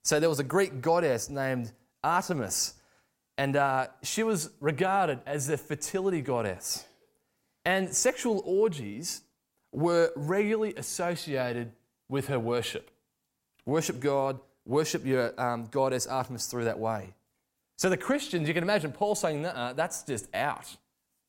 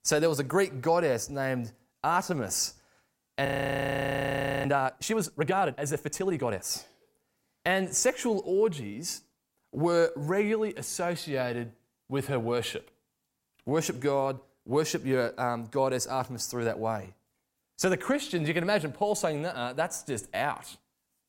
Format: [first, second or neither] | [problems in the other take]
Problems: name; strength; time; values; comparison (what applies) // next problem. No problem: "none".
first | audio freezing; at 3.5 s for 1 s